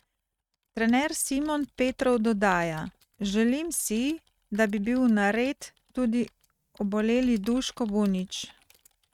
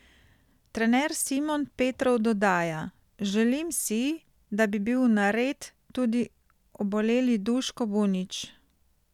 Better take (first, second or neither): second